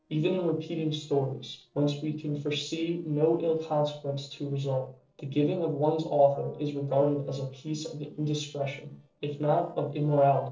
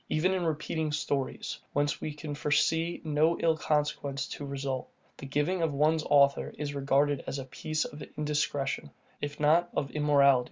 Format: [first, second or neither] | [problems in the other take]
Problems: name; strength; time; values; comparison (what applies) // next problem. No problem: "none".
second | noise reduction (neural separator model SepFormer DNS4)